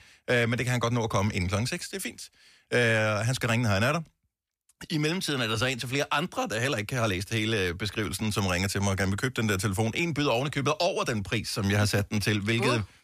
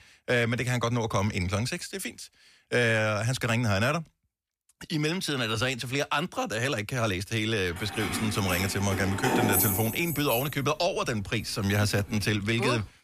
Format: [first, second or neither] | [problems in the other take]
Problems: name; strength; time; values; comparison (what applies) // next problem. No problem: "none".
first | jangling keys; loud; from 8 to 12 s; peak 4 dB above the speech